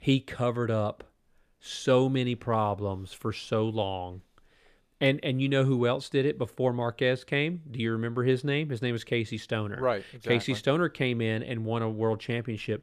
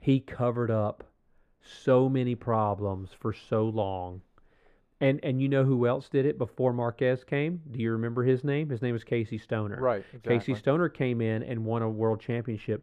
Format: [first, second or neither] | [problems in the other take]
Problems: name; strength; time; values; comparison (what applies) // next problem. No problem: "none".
first | muffled; slightly; fading above 2.5 kHz